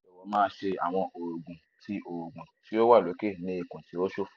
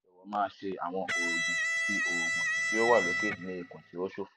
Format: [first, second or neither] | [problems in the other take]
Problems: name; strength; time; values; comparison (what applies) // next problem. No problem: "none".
first | background sound (Electric guitar); 3 dB above the speech